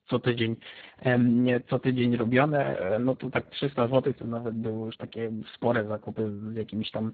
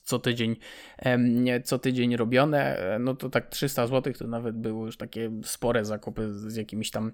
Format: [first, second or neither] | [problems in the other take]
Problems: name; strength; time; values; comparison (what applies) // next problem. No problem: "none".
second | garbled, watery; badly; nothing above 4 kHz